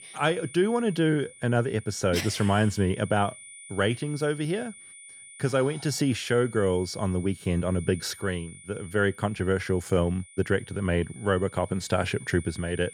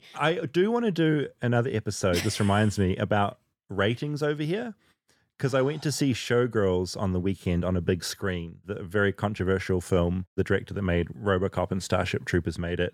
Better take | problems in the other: second | high-pitched whine; noticeable; throughout; 9.5 kHz, 20 dB below the speech

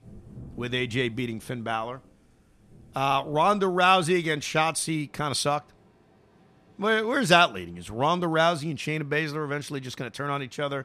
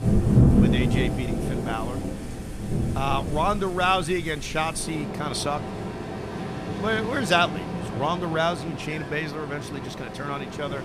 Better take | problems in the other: first | rain or running water; loud; throughout; 1 dB below the speech; faint in the first

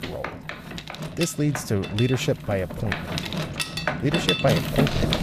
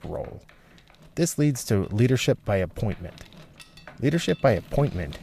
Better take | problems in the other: second | machinery noise; loud; throughout; 2 dB below the speech; faint in the second

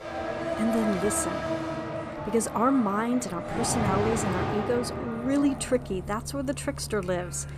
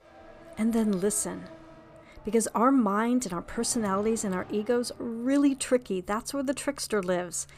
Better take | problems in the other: second | traffic noise; loud; throughout; 4 dB below the speech; faint in the second

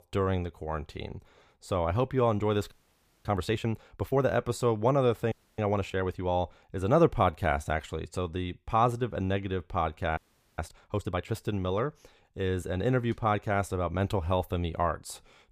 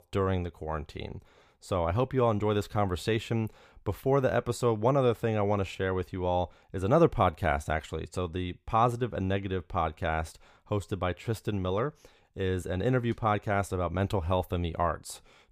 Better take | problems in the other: second | audio freezing; at 2.5 s for 0.5 s, at 5.5 s and at 10 s

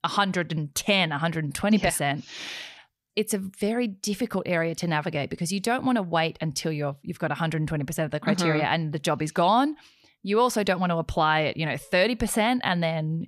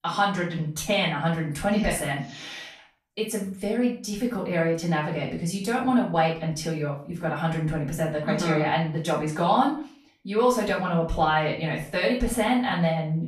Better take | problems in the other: first | off-mic speech; far // room echo; slight; dies away in 0.4 s

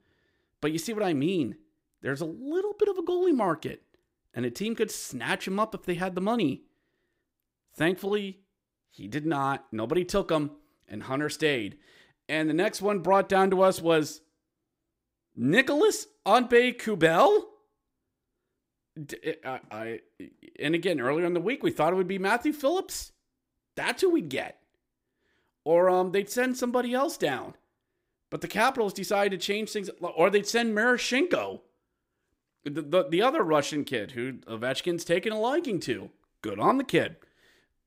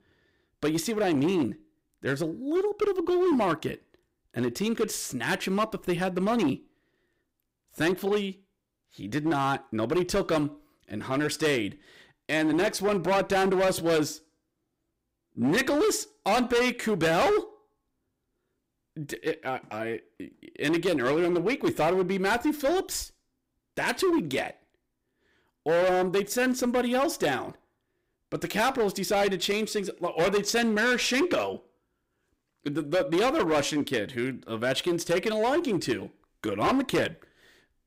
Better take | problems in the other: first | distortion; heavy; 10% of the sound clipped

